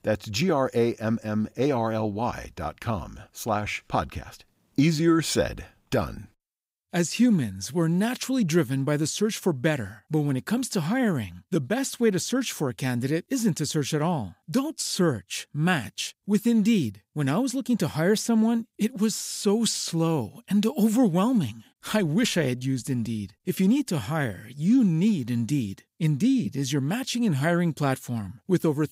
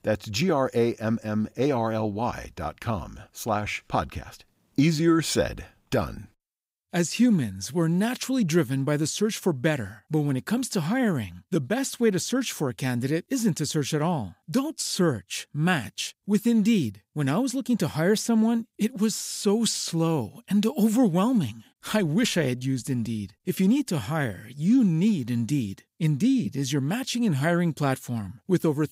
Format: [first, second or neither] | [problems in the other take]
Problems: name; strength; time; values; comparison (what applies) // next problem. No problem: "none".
neither | none